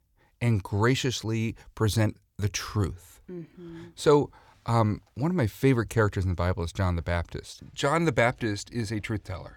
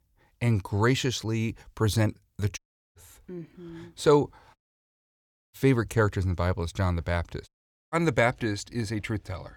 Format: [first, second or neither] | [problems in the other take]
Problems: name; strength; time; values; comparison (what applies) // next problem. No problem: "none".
first | audio cutting out; at 2.5 s, at 4.5 s for 1 s and at 7.5 s